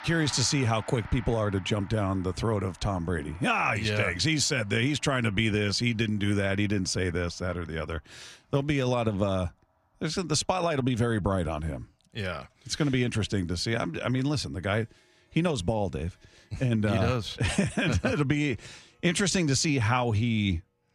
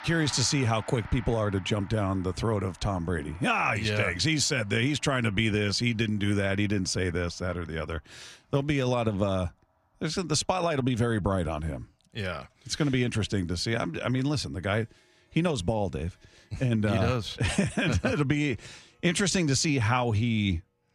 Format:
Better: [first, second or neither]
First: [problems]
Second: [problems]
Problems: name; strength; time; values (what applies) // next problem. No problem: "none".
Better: neither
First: background music; faint; throughout; 20 dB below the speech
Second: background music; faint; throughout; 20 dB below the speech